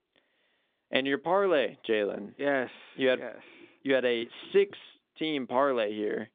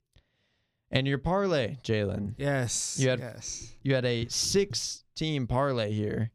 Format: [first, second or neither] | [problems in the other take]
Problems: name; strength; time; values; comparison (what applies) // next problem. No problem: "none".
second | phone-call audio; nothing above 3.5 kHz